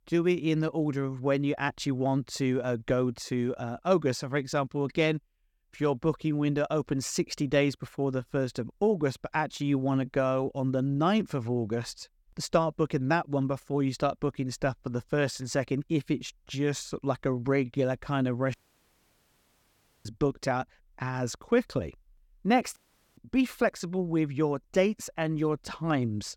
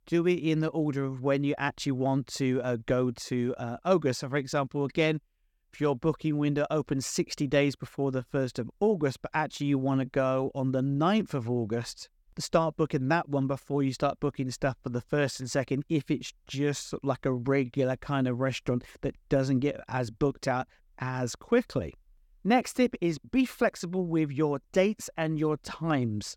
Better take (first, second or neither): second